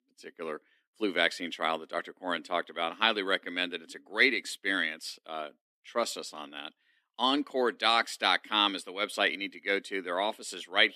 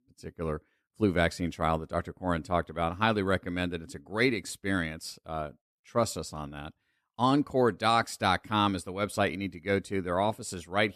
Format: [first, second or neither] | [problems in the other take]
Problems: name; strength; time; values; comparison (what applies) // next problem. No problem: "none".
second | thin; very slightly; fading below 250 Hz